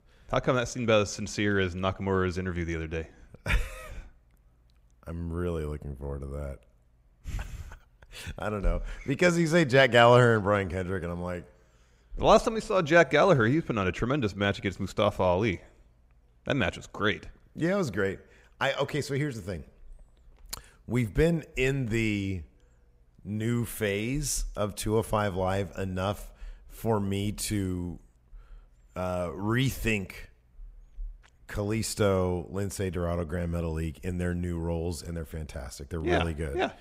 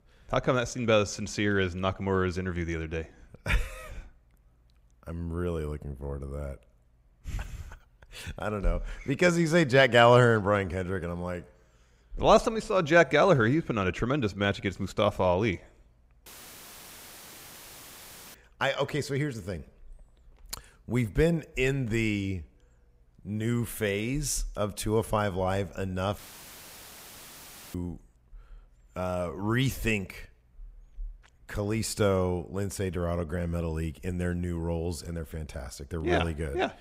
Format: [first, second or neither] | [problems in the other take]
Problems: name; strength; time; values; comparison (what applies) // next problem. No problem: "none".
first | audio cutting out; filled with static; at 16 s for 2 s and at 26 s for 1.5 s